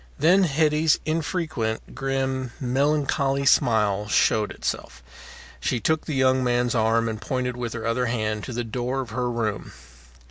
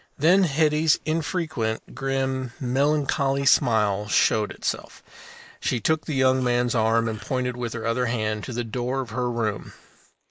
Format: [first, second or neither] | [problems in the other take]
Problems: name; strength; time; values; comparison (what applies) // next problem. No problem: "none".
first | noise reduction (neural mask model Resemble Enhance denoiser)